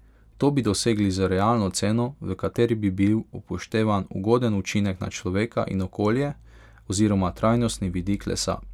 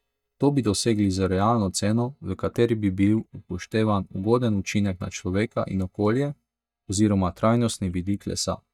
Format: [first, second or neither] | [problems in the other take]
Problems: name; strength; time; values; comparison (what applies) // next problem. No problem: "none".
first | noise reduction (neural mask model DeepFilterNet 3)